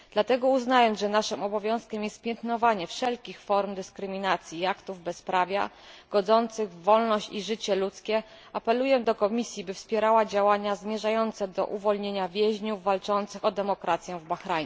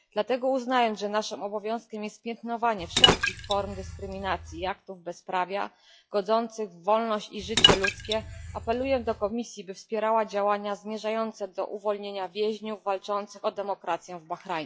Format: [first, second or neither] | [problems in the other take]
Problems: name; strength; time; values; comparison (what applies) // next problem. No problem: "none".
first | noise reduction (classical method log-MMSE)